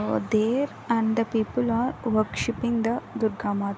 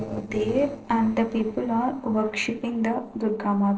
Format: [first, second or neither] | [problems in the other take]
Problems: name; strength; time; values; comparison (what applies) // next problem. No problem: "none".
first | noise reduction (neural separator model SepFormer DNS4)